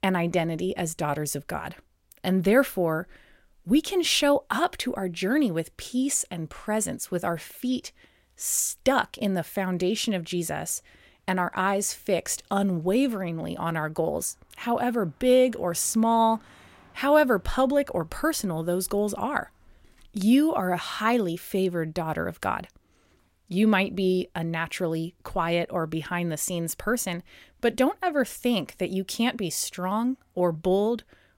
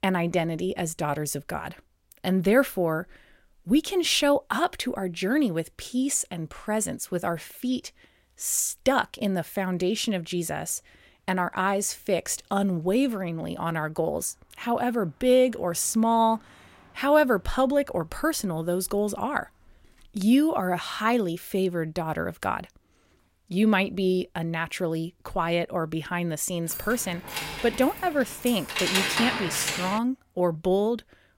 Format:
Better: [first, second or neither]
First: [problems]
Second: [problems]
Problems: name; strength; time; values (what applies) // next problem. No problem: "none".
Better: first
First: none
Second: jangling keys; loud; from 27 to 30 s; peak 3 dB above the speech